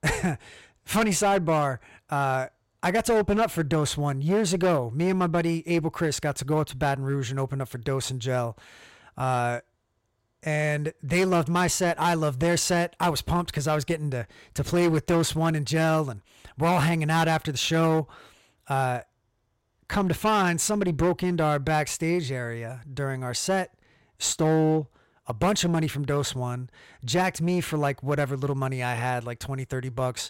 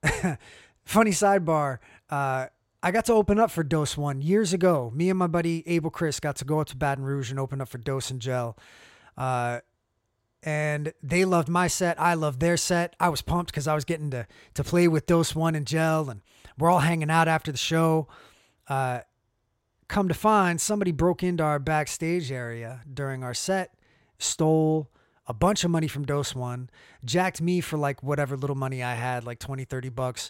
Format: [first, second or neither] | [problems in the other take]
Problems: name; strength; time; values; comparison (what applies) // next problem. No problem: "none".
second | distortion; slight; 8% of the sound clipped